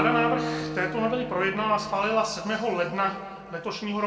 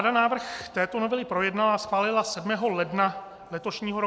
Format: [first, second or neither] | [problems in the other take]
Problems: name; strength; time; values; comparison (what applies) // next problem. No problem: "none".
second | background sound (Acoustic guitar); 8 dB below the speech // room echo; dies away in 1.8 s